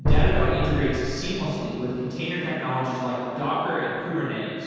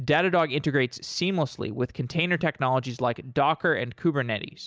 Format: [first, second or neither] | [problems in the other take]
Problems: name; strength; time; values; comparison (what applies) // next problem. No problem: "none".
second | background sound (Drum); 2 dB above the speech // room echo; dies away in 2.1 s